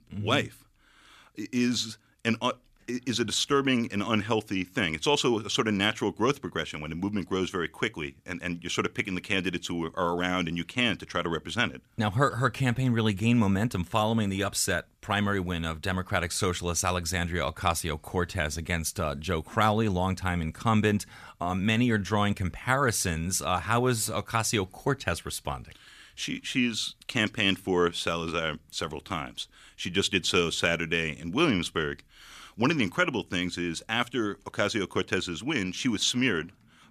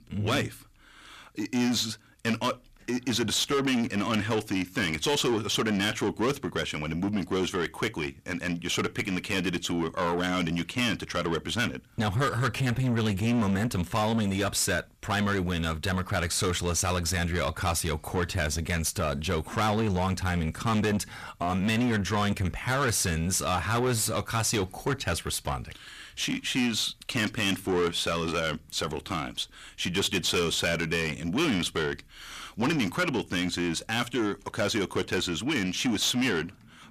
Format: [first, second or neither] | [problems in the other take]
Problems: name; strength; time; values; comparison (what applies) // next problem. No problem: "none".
first | distortion; heavy; 7 dB below the speech